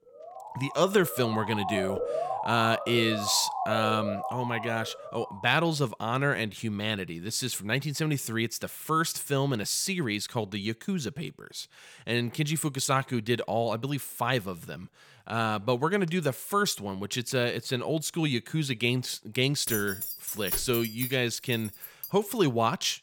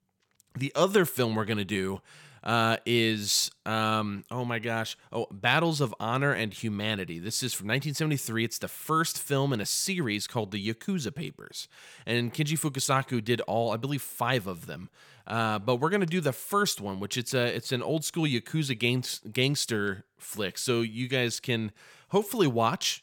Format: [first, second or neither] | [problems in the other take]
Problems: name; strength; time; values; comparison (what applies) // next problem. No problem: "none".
second | siren; noticeable; until 5.5 s; peak 2 dB below the speech // jangling keys; noticeable; from 20 to 22 s; peak 2 dB below the speech